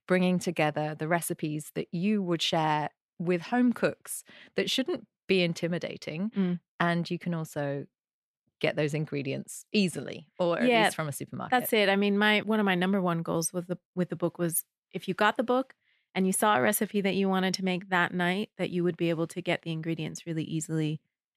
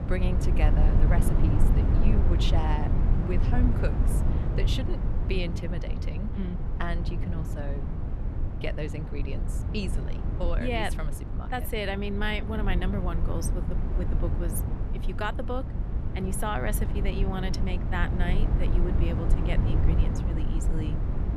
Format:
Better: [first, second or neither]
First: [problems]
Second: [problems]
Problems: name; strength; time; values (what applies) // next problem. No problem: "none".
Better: first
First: none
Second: low rumble; loud; throughout; 4 dB below the speech